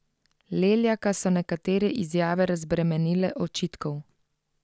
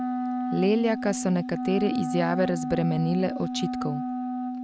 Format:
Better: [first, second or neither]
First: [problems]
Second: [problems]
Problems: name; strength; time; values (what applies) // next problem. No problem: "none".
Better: first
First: none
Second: background sound (Wind instrument, woodwind instrument); 3 dB below the speech